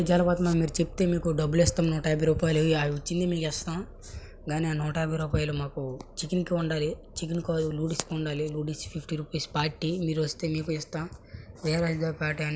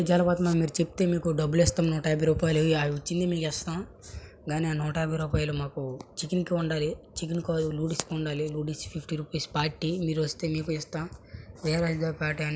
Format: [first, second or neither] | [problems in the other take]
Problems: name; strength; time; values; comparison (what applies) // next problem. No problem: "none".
second | background sound (Keyboard (musical)); 19 dB below the speech